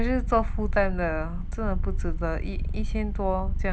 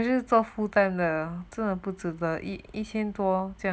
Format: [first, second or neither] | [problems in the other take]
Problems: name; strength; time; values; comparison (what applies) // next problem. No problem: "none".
second | background sound (Purr); 2 dB above the speech